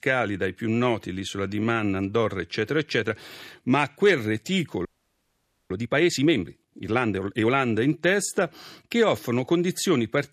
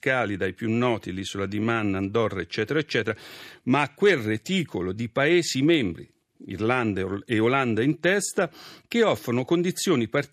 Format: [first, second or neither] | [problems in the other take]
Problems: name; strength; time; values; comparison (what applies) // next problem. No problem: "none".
second | audio freezing; at 5 s for 1 s